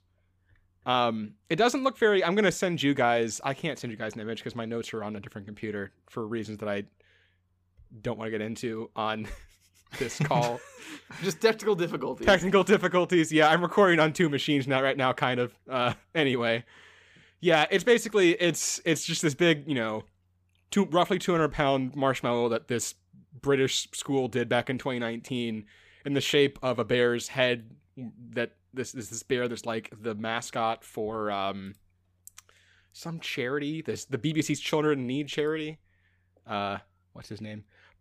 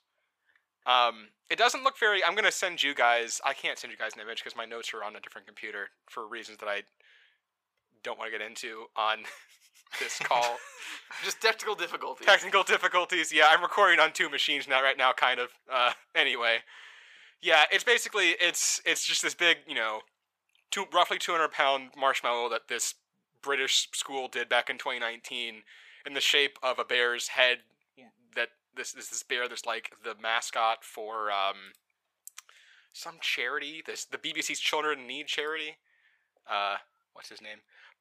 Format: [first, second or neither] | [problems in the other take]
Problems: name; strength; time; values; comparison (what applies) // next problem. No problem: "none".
first | thin; very; fading below 850 Hz